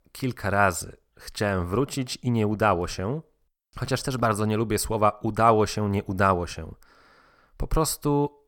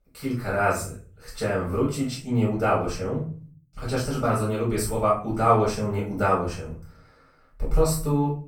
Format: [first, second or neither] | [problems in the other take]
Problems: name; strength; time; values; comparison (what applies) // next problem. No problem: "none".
first | off-mic speech; far // room echo; noticeable; dies away in 0.4 s